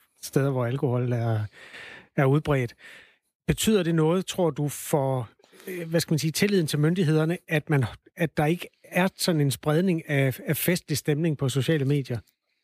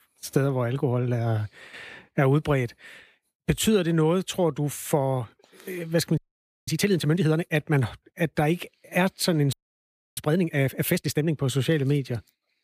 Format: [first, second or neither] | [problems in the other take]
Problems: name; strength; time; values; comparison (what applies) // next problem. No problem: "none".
first | audio freezing; at 6 s and at 9.5 s for 0.5 s